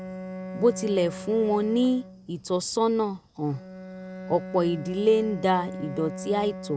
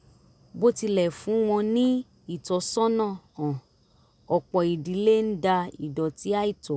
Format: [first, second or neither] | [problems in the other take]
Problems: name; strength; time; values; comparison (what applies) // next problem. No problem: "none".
second | background sound (Bowed string instrument); 12 dB below the speech